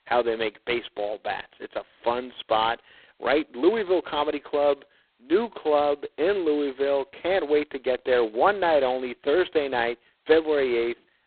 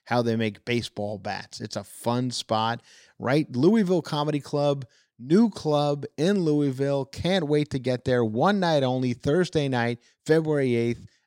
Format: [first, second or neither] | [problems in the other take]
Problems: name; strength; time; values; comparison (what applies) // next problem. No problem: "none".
second | phone-call audio; poor line; nothing above 4 kHz